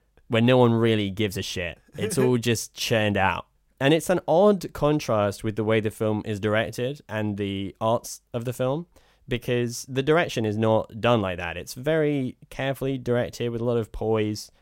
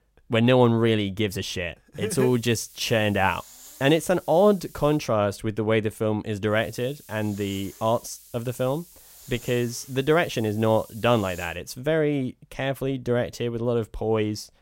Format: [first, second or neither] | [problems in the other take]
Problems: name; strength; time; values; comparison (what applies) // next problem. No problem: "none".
first | hiss; faint; from 2 to 5 s and from 6.5 to 12 s; 20 dB below the speech